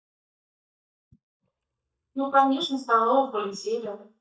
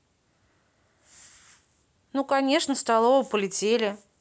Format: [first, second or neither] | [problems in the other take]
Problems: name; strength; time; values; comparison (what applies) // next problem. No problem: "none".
second | noise reduction (neural mask model DeepFilterNet 3)